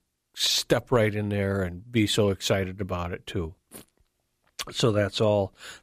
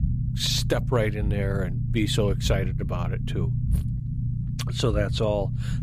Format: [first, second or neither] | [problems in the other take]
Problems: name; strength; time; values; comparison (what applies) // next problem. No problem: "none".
first | low rumble; noticeable; throughout; 10 dB below the speech